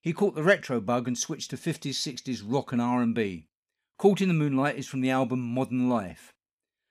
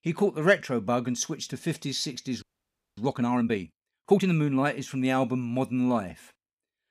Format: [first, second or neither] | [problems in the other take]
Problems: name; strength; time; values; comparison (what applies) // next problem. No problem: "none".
first | audio freezing; at 2.5 s for 0.5 s